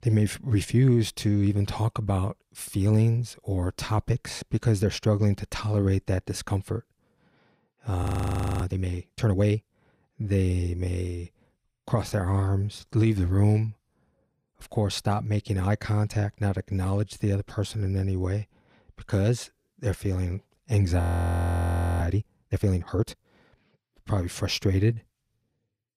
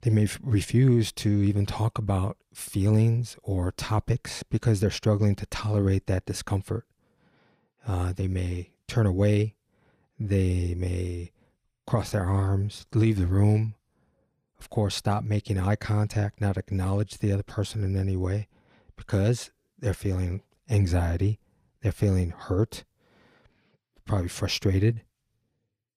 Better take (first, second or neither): second